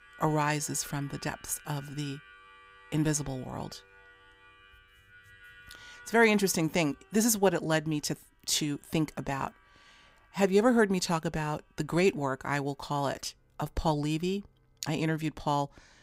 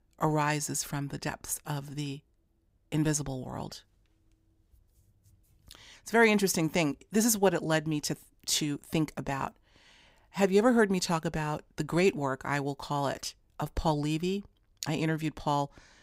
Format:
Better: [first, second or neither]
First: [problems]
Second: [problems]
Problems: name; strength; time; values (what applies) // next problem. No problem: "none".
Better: second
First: background music; faint; throughout; 25 dB below the speech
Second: none